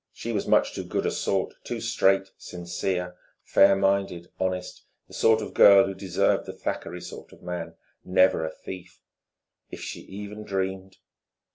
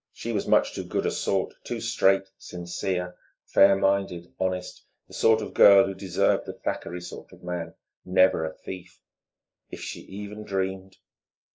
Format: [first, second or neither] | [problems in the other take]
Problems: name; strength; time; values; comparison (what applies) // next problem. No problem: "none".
first | noise reduction (neural mask model Resemble Enhance denoiser)